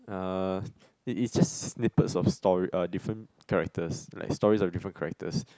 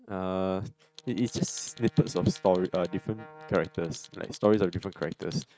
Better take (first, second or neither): first